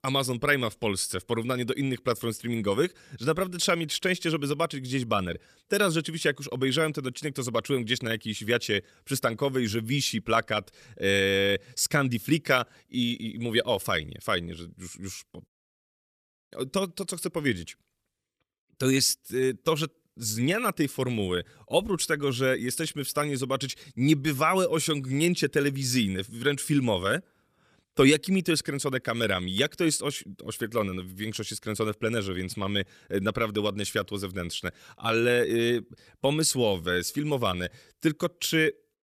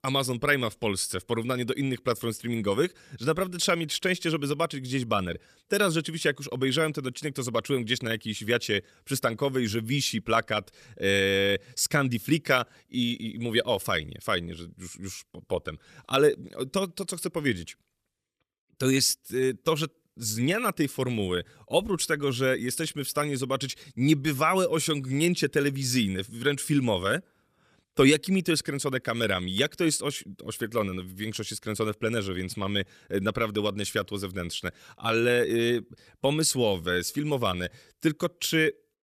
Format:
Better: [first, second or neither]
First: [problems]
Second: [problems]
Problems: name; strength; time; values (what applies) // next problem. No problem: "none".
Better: second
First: audio cutting out; at 15 s for 1 s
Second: none